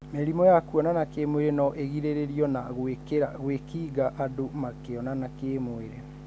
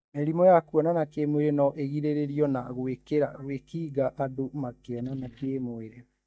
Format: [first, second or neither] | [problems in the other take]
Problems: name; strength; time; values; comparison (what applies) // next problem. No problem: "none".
first | noise reduction (neural mask model DeepFilterNet 3)